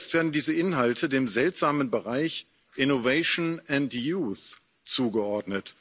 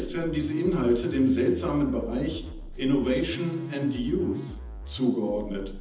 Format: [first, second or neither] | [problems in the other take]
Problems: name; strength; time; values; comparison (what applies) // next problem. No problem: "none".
first | background sound (Musical instrument); 11 dB below the speech // room echo; dies away in 0.8 s